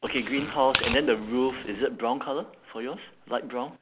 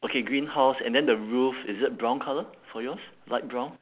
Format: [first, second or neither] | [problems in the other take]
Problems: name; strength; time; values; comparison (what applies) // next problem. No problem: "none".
second | background sound (Tearing); 6 dB below the speech